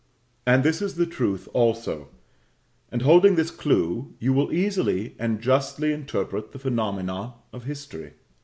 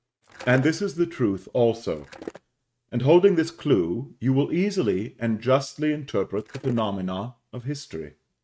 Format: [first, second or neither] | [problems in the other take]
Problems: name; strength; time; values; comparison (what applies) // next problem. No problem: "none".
first | noise reduction (neural mask model RNNoise)